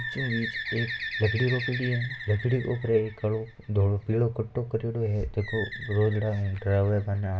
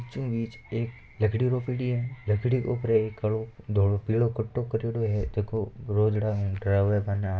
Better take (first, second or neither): second